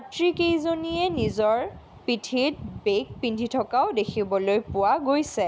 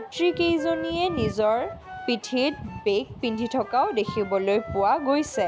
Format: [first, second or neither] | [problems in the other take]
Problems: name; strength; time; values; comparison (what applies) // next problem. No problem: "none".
first | background sound (Wind instrument, woodwind instrument); 14 dB below the speech